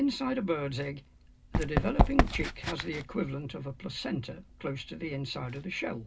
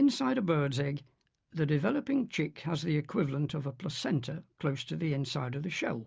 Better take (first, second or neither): second